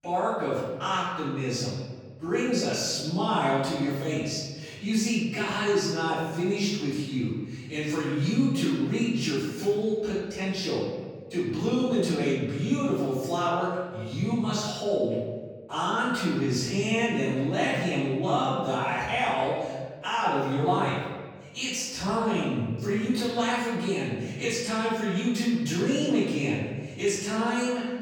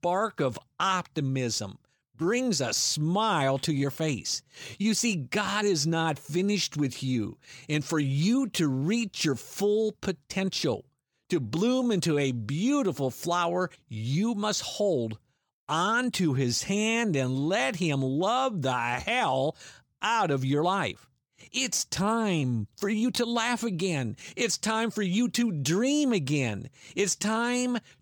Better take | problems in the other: second | off-mic speech; far // room echo; strong; dies away in 1.4 s

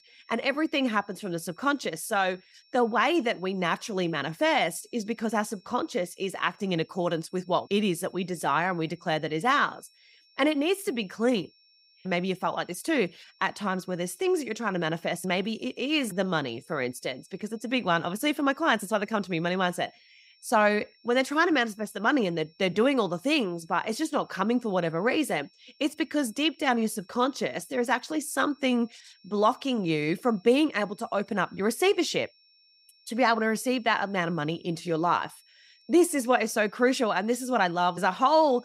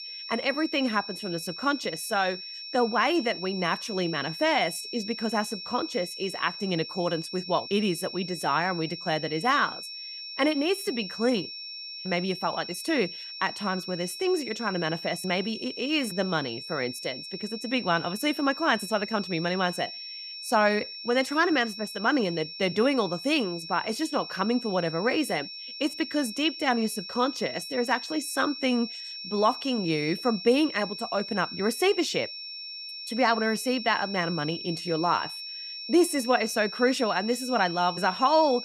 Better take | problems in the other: first | high-pitched whine; loud; throughout; 5.5 kHz, 9 dB below the speech; faint in the first

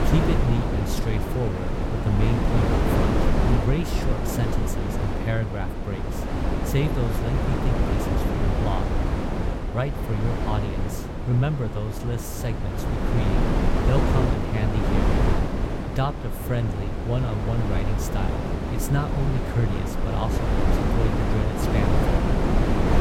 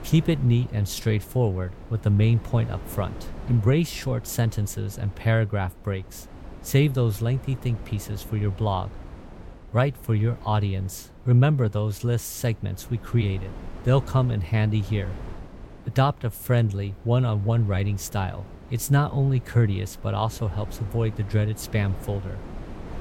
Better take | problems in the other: second | wind noise on the microphone; heavy; 4 dB above the speech; occasional gusts in the second

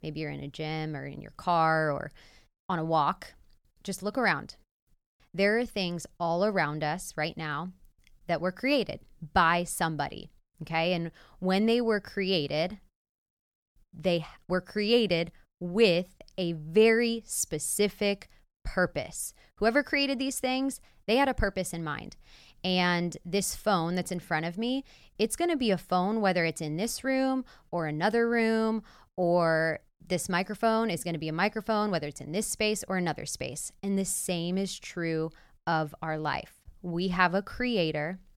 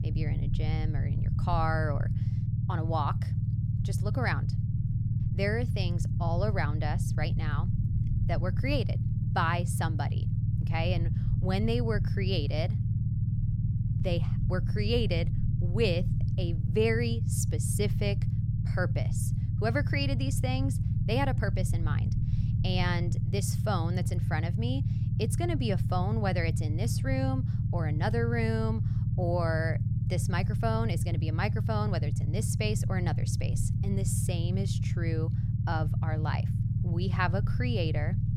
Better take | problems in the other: first | low rumble; loud; throughout; 8 dB below the speech

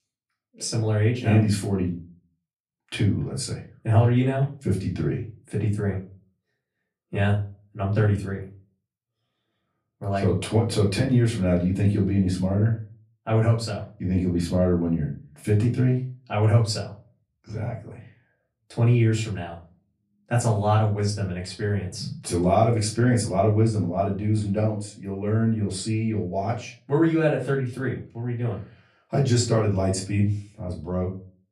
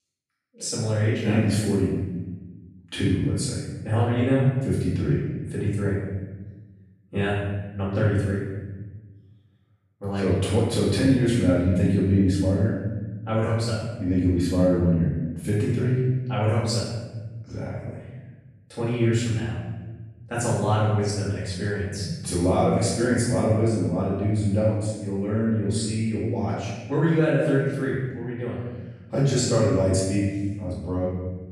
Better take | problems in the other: first | room echo; strong; dies away in 1.2 s; slight in the first // off-mic speech; far; far in the first

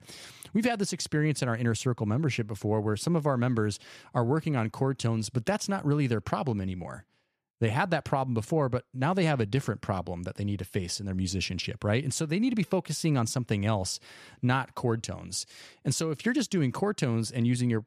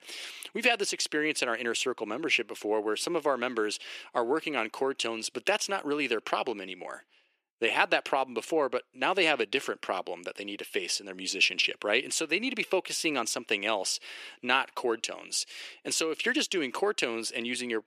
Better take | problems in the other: first | thin; very; fading below 350 Hz

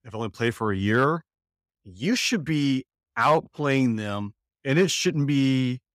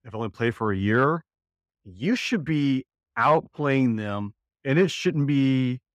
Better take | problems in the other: first | muffled; slightly; fading above 3.5 kHz

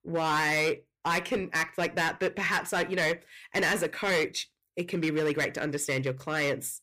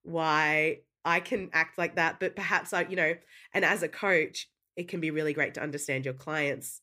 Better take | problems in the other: second | distortion; heavy; 10% of the sound clipped

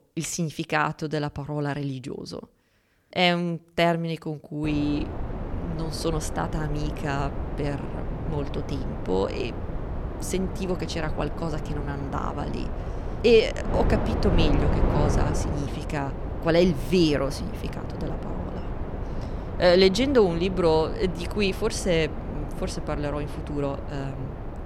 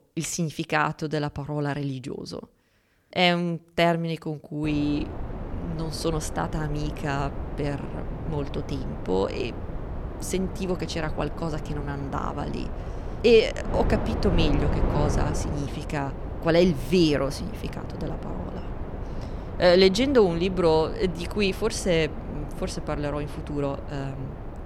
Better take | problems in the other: second | wind noise on the microphone; heavy; from 4.5 s on; 9 dB below the speech; occasional gusts in the second

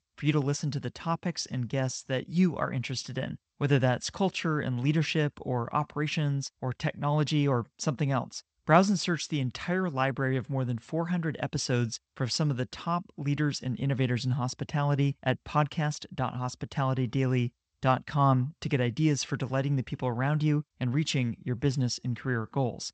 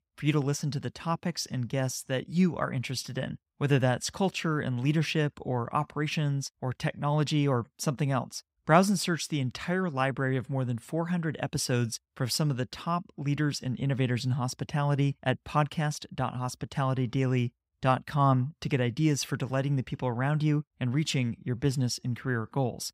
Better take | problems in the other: second | garbled, watery; slightly; nothing above 8 kHz

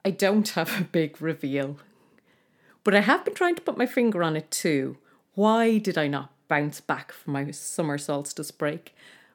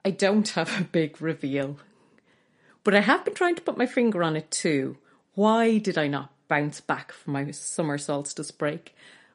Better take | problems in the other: first | garbled, watery; slightly; nothing above 10 kHz

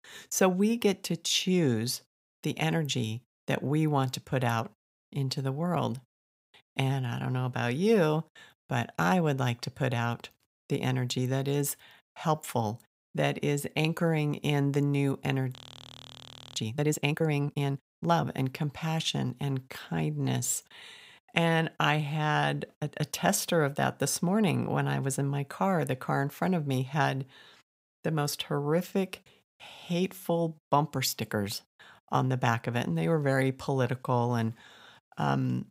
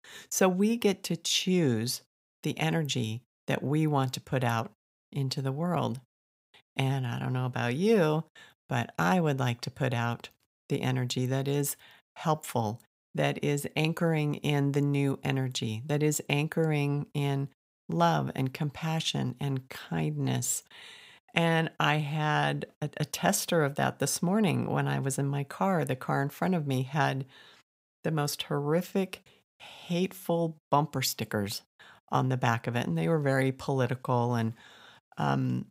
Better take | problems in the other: second | audio freezing; at 16 s for 1 s

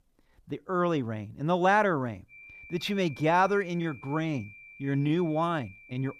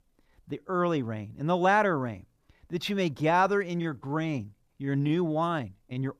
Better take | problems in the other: second | high-pitched whine; noticeable; from 2.5 s on; 2.5 kHz, 20 dB below the speech

